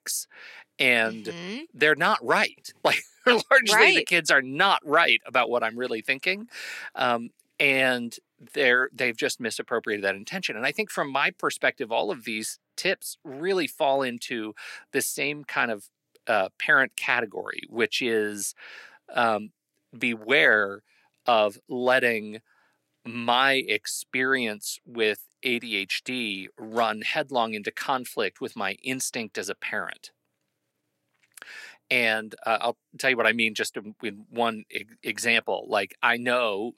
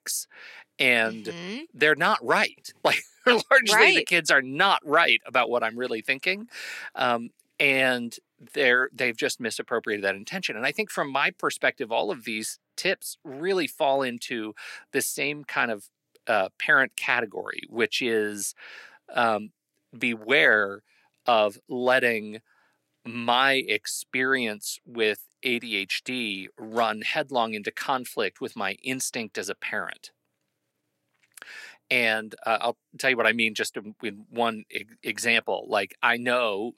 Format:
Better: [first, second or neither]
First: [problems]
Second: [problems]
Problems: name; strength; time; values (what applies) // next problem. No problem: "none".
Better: neither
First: thin; somewhat; fading below 350 Hz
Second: thin; somewhat; fading below 350 Hz